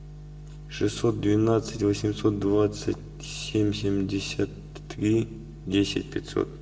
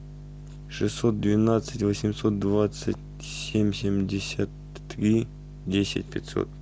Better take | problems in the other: second | room echo; dies away in 1 s

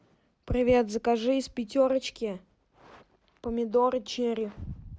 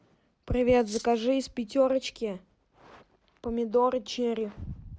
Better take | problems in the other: first | background sound (Cutlery, silverware); 17 dB below the speech

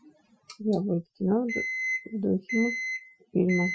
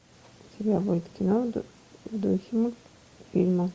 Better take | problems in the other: second | noise reduction (classical method Wiener filter)

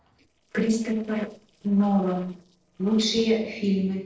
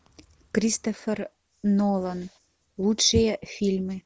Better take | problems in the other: second | noise reduction (neural separator model SepFormer DNS4)

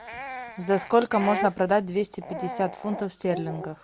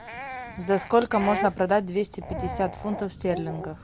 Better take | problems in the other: first | background sound (Thunder / Rain); 17 dB below the speech

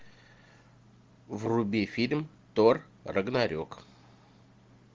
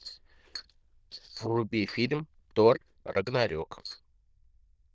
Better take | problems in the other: first | noise reduction (neural diffusion model UNIVERSE++)

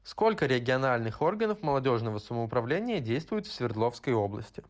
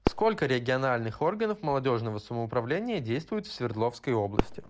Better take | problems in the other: first | background sound (Fireworks); 8 dB below the speech

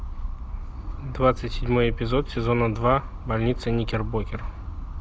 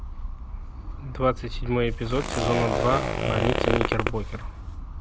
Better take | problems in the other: first | background sound (Zipper (clothing)); as loud as the speech

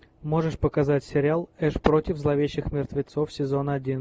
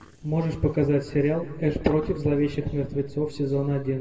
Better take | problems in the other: first | background sound (Bicycle); 20 dB below the speech // room echo; dies away in 1.5 s

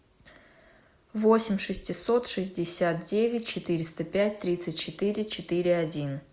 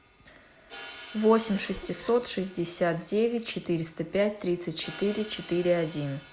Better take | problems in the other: first | background sound (Cough + Crash cymbal); 19 dB below the speech

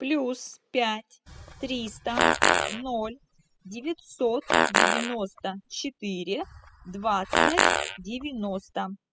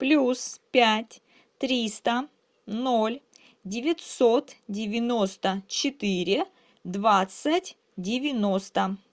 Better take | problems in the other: second | noise reduction (classical method spectral subtraction)

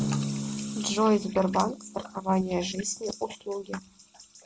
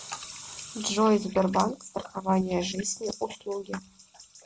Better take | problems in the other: second | background sound (Drum); 8 dB below the speech

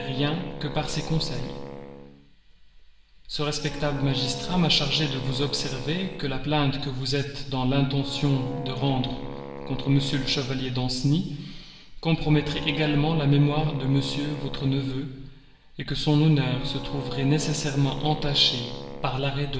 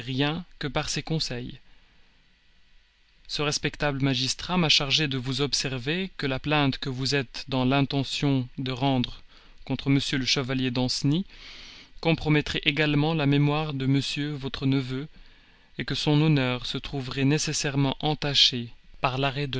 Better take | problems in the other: second | background sound (Wind instrument, woodwind instrument); 13 dB below the speech // room echo; dies away in 1.1 s

